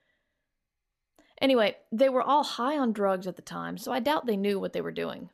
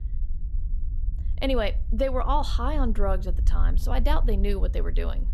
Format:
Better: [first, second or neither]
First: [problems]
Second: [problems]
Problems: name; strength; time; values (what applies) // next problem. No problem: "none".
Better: first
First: none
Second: low rumble; faint; throughout; 20 dB below the speech